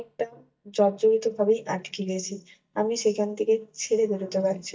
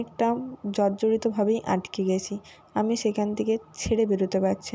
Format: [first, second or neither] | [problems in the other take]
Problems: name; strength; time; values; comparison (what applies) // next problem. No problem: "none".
second | noise reduction (neural mask model DeepFilterNet 3)